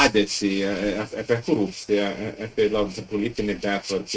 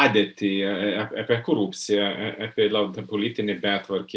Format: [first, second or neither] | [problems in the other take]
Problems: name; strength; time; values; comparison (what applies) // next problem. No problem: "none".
second | noise reduction (neural mask model RNNoise)